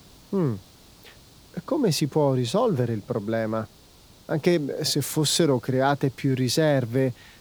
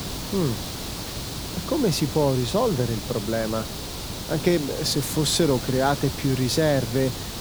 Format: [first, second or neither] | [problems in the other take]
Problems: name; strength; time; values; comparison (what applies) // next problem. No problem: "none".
first | hiss; loud; throughout; 7 dB below the speech; faint in the first